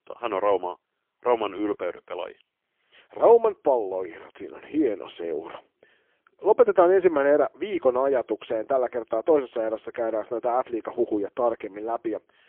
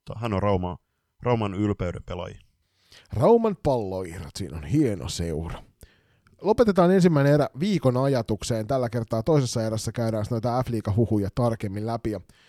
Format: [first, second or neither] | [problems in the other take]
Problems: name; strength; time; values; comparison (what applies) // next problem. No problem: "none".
second | phone-call audio; poor line; nothing above 3.5 kHz